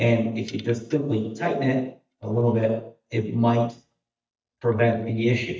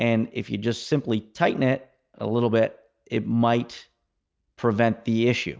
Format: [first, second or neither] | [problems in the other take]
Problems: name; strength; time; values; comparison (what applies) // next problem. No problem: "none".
second | noise reduction (neural mask model DeepFilterNet 3)